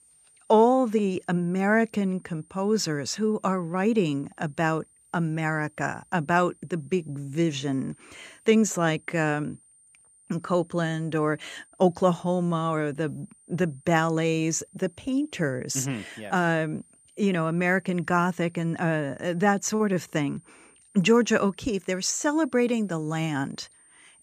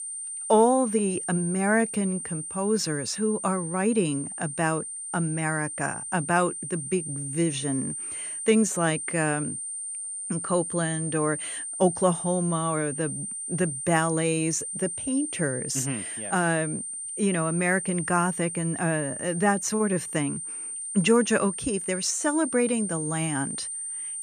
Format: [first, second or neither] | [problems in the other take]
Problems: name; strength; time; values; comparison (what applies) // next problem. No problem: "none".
first | high-pitched whine; loud; throughout; 9 kHz, 5 dB below the speech; faint in the first